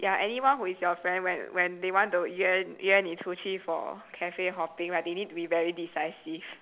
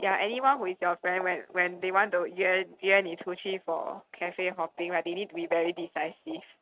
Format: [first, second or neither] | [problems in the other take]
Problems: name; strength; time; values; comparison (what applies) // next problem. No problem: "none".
first | noise reduction (neural mask model RNNoise)